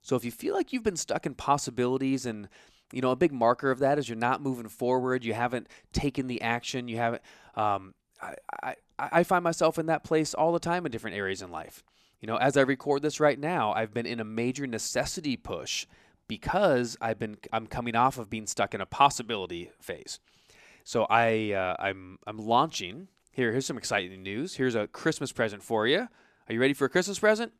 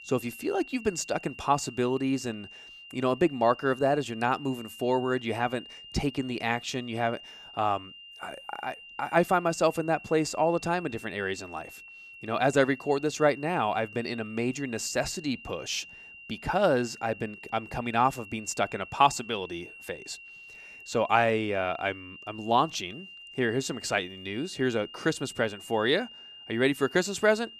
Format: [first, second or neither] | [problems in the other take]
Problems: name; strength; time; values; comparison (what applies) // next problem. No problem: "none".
first | high-pitched whine; noticeable; throughout; 3 kHz, 15 dB below the speech